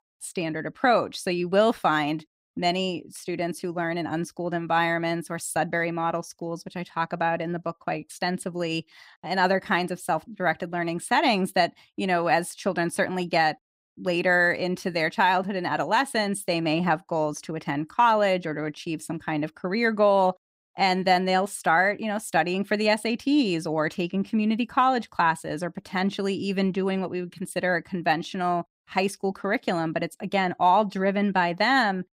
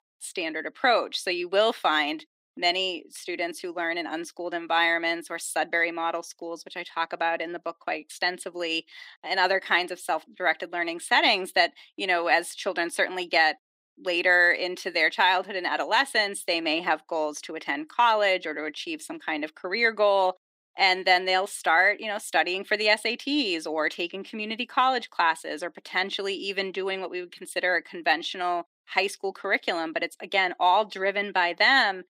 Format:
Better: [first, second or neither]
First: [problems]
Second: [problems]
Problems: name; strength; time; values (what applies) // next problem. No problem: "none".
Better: first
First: none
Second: thin; somewhat; fading below 300 Hz